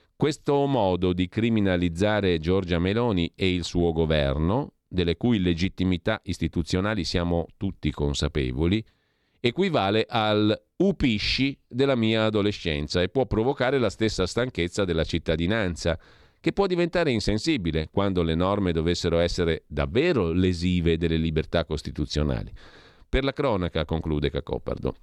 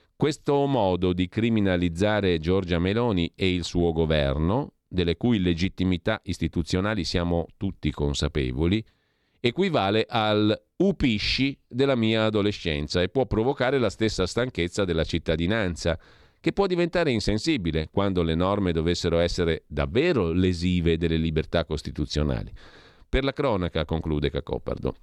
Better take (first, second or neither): neither